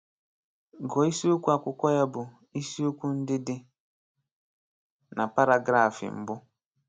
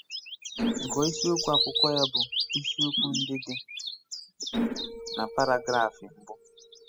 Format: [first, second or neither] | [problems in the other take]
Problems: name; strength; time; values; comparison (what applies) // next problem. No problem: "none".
first | noise reduction (classical method spectral subtraction)